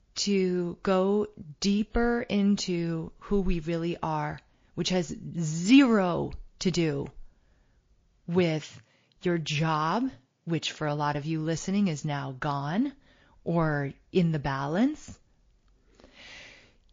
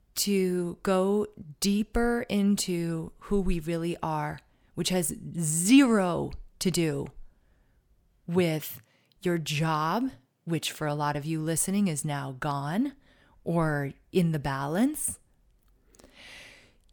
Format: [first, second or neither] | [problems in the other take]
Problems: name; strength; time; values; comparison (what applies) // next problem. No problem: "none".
second | garbled, watery; slightly; nothing above 7.5 kHz